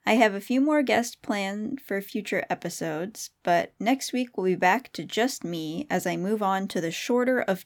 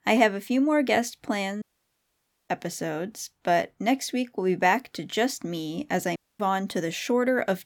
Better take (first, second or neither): first